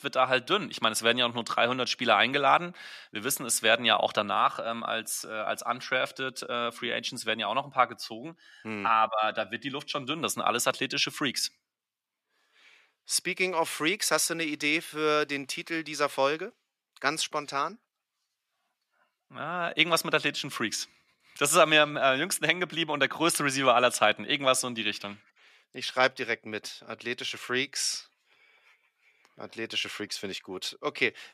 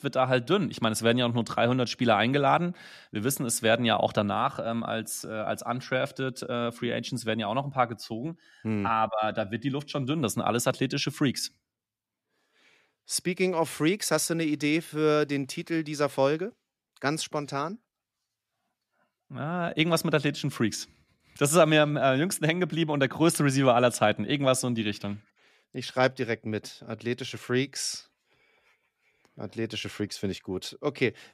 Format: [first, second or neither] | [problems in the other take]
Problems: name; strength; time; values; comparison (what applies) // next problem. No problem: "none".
second | thin; somewhat; fading below 650 Hz